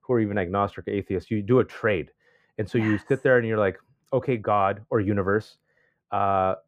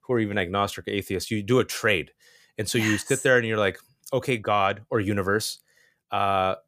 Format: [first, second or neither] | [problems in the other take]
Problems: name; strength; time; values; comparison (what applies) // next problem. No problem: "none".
second | muffled; very; fading above 3 kHz